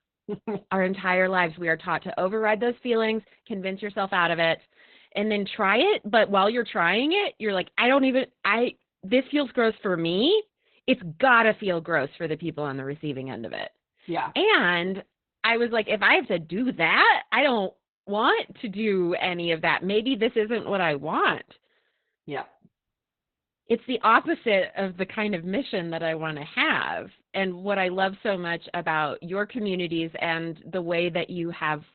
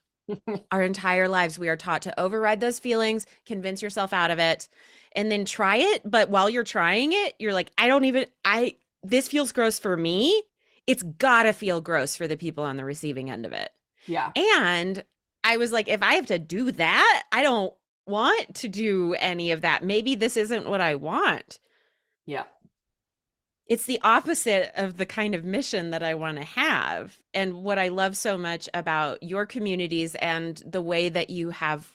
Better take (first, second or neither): second